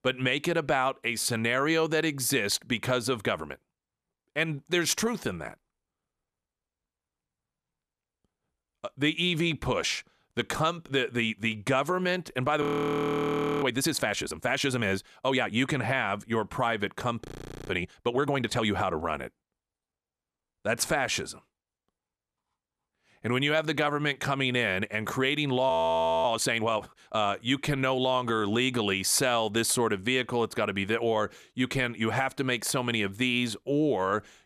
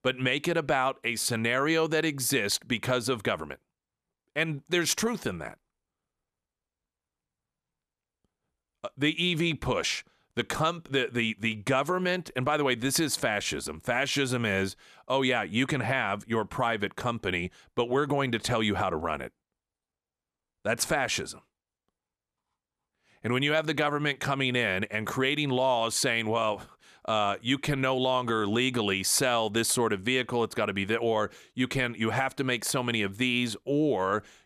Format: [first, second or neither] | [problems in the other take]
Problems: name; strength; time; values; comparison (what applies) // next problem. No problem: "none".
second | audio freezing; at 13 s for 1 s, at 17 s and at 26 s for 0.5 s